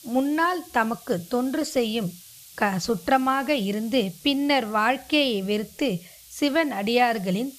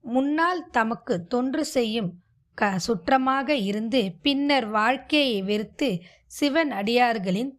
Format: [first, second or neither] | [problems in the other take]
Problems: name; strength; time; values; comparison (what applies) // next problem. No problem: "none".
second | hiss; faint; throughout; 20 dB below the speech